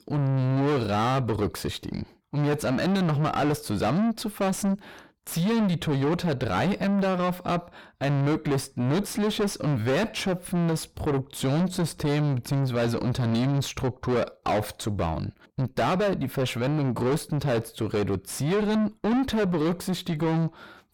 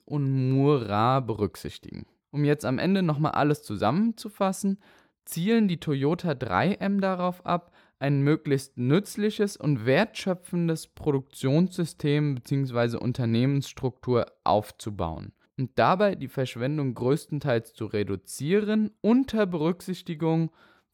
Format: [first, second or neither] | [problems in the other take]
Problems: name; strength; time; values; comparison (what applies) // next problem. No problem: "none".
second | distortion; heavy; 4 dB below the speech